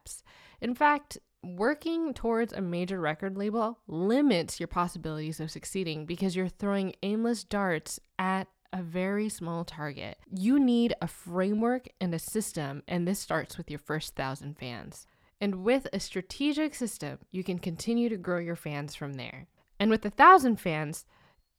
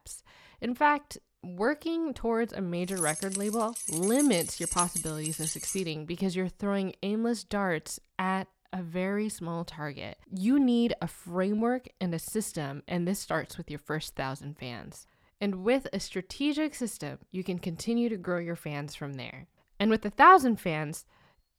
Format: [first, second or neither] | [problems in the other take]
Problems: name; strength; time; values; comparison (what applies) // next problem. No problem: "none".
first | jangling keys; loud; from 3 to 6 s; peak level with the speech